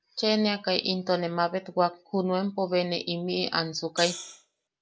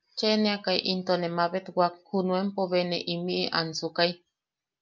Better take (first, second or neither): second